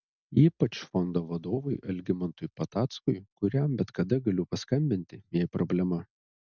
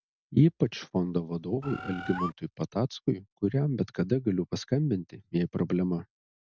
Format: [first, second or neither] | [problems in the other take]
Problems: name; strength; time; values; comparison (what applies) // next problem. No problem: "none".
first | background sound (Bird); 8 dB below the speech